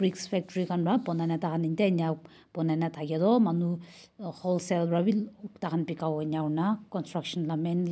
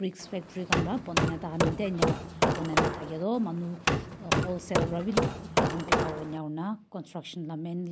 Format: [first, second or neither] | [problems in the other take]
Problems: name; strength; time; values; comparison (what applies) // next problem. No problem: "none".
first | background sound (Hammer); 5 dB above the speech